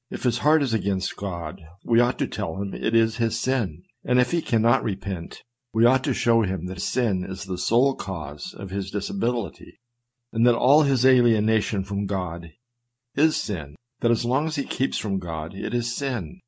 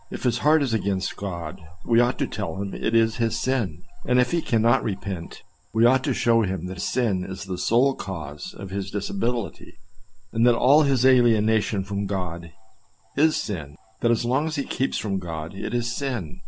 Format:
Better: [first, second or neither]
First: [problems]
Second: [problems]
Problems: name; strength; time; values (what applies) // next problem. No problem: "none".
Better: first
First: none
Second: background sound (Cricket / Frog); 9 dB below the speech